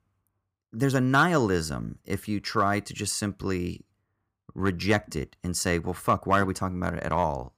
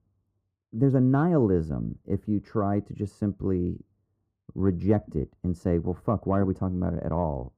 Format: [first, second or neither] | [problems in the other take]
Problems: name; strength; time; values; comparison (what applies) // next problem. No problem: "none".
first | muffled; very; fading above 1 kHz